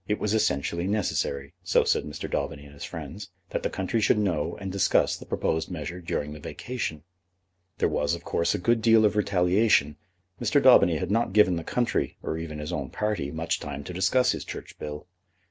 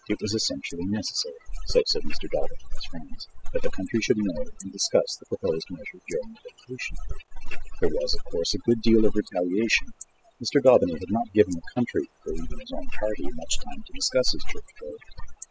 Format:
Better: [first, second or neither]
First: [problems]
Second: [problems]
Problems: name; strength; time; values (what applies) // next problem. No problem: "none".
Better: first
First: none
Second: noise reduction (classical method spectral subtraction)